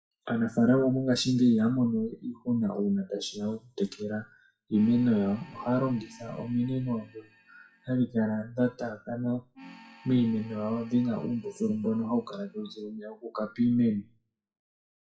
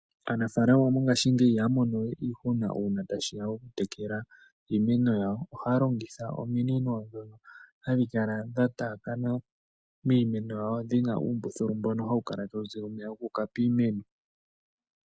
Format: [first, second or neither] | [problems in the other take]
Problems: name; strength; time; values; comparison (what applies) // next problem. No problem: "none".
second | noise reduction (classical method WPE with log-MMSE)